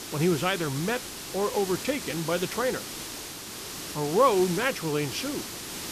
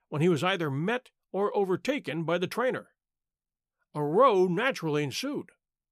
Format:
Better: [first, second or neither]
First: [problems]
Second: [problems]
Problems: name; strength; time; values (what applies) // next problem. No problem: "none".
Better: second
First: hiss; loud; throughout; 8 dB below the speech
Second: none